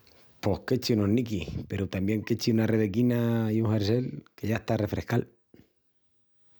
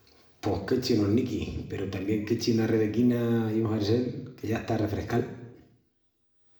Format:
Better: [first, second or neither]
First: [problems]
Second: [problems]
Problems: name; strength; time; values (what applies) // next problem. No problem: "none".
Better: first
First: none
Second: room echo; dies away in 0.8 s